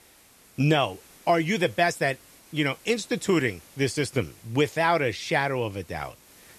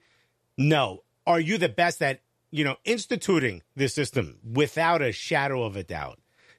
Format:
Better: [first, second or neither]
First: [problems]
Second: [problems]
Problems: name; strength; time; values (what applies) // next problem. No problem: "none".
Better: second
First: hiss; faint; throughout; 25 dB below the speech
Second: none